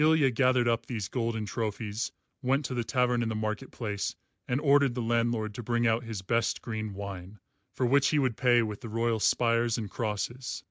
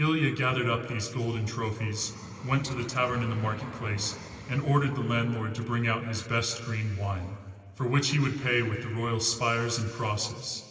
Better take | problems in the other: first | background sound (Vehicle); 19 dB below the speech // room echo; dies away in 2.3 s

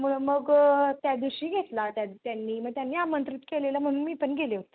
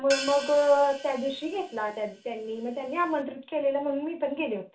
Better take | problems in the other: first | background sound (Crash cymbal / Hi-hat); 13 dB below the speech // room echo; dies away in 0.3 s

